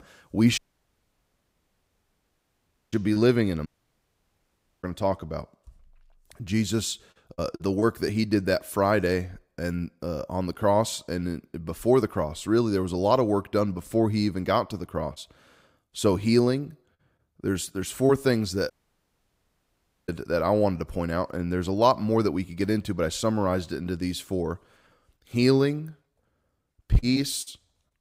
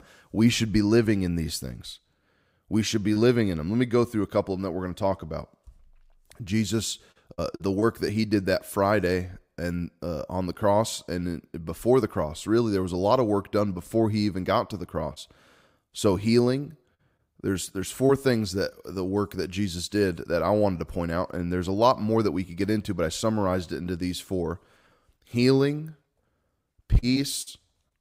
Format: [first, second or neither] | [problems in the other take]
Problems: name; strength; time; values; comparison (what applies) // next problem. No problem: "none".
second | audio cutting out; at 0.5 s for 2.5 s, at 3.5 s for 1 s and at 19 s for 1.5 s